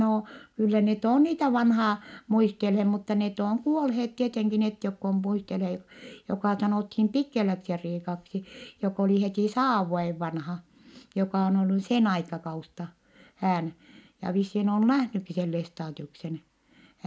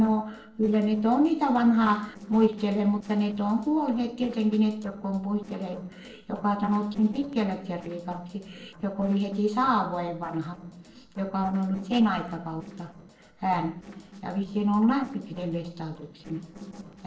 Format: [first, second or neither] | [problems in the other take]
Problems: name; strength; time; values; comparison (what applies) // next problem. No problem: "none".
first | noise reduction (neural separator model SepFormer DNS4)